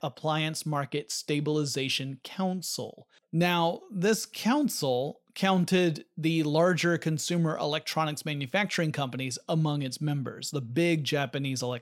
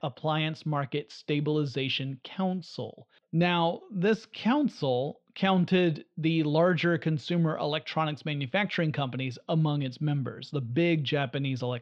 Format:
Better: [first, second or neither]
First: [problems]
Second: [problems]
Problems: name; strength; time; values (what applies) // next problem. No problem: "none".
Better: first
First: none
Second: muffled; slightly; fading above 3.5 kHz